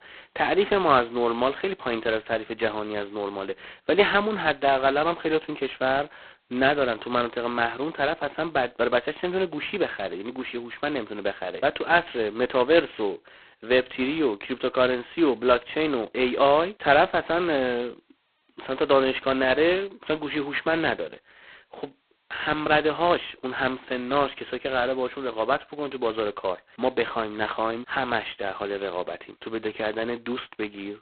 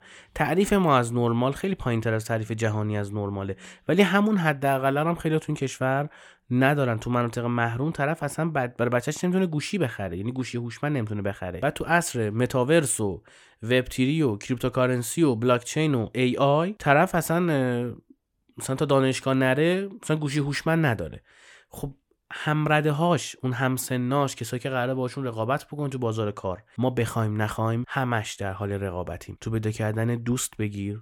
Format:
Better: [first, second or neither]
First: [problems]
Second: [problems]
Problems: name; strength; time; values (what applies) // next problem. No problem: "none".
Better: second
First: phone-call audio; poor line; nothing above 4 kHz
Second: none